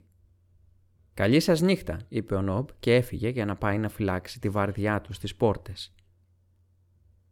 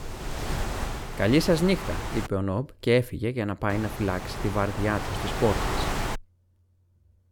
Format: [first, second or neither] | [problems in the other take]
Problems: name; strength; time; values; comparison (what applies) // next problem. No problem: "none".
first | wind noise on the microphone; heavy; until 2.5 s and from 3.5 to 6 s; 5 dB below the speech